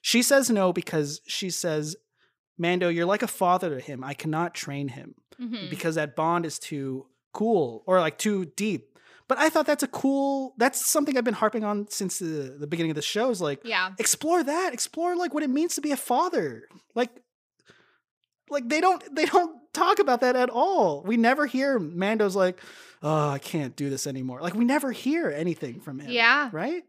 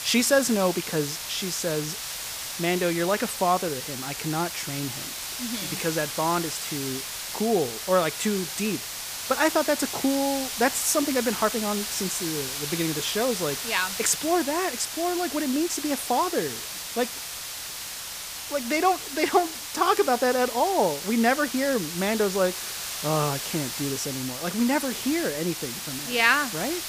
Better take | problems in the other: first | hiss; loud; throughout; 5 dB below the speech

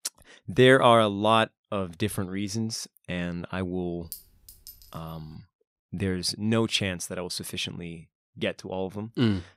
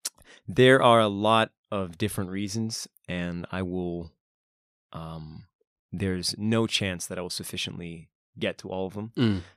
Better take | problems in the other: second | clattering dishes; faint; at 4 s; peak 15 dB below the speech

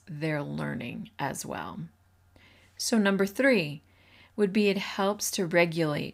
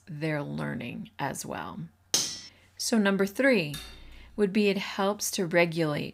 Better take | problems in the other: first | clattering dishes; loud; at 2 s; peak 1 dB above the speech // clattering dishes; faint; at 3.5 s; peak 15 dB below the speech

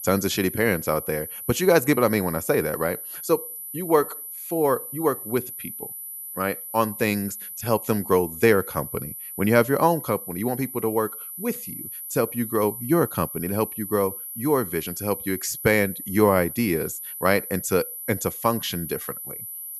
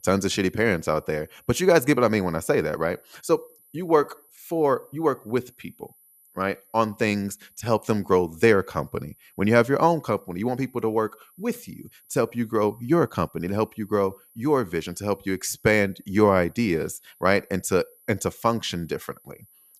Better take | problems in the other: second | high-pitched whine; loud; throughout; 12 kHz, 9 dB below the speech; faint in the second

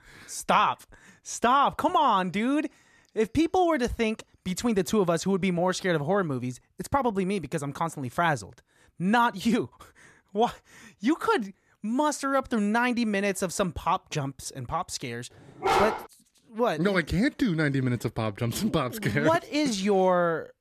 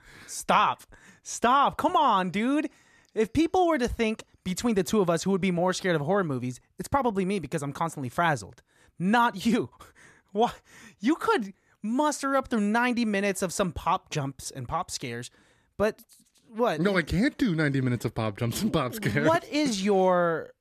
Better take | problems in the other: second | dog barking; loud; at 16 s; peak 2 dB above the speech

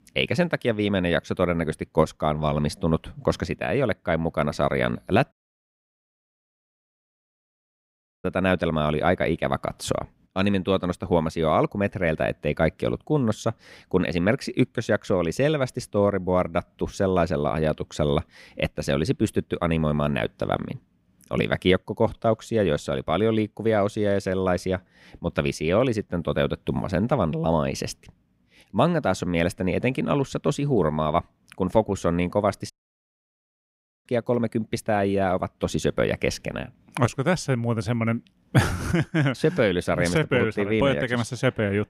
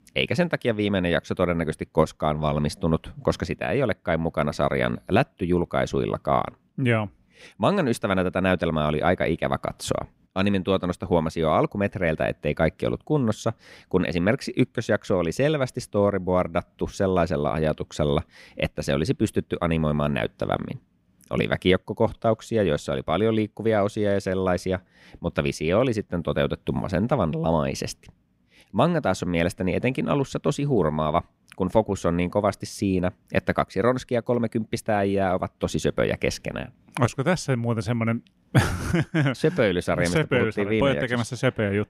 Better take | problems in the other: second | audio cutting out; at 5.5 s for 3 s and at 33 s for 1.5 s

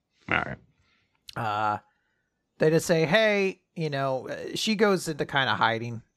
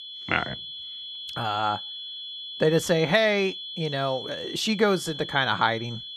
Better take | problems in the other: first | high-pitched whine; loud; throughout; 3.5 kHz, 9 dB below the speech

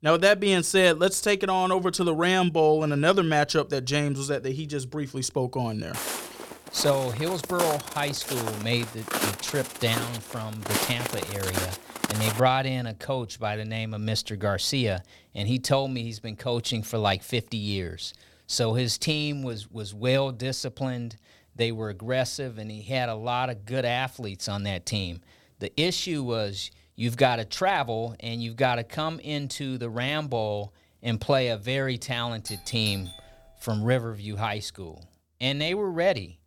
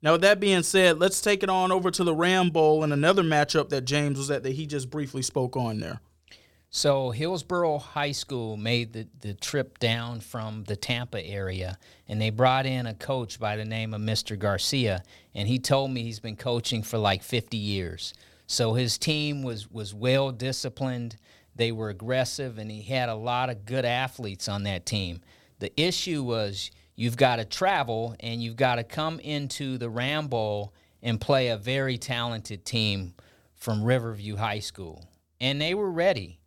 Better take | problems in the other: second | footsteps; noticeable; from 6 to 12 s; peak level with the speech // doorbell; faint; from 32 to 34 s; peak 10 dB below the speech

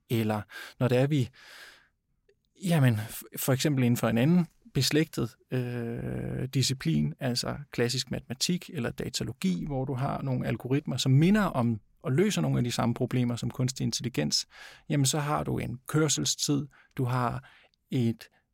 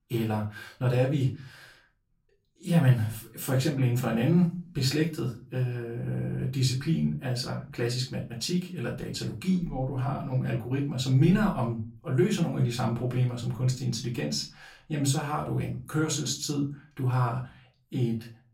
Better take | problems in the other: first | off-mic speech; far // room echo; very slight; dies away in 0.3 s

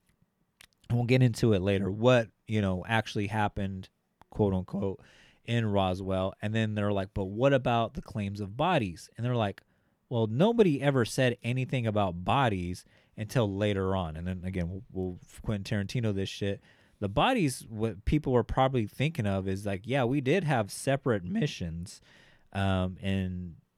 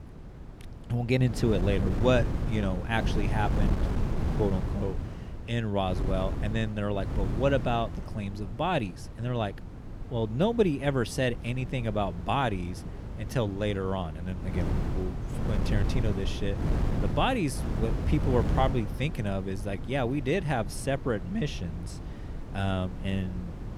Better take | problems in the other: first | wind noise on the microphone; occasional gusts; 10 dB below the speech

